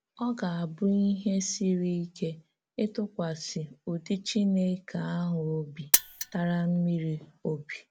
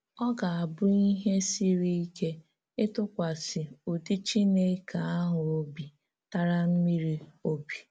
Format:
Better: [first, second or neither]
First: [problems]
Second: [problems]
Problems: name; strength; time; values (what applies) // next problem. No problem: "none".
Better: second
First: background sound (Mechanisms); 2 dB above the speech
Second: none